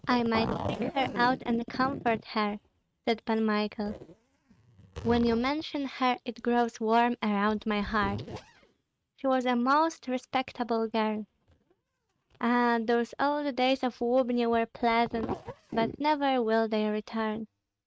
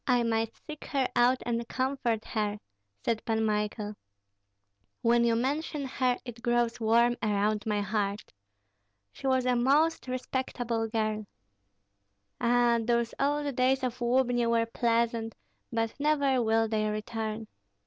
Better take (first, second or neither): second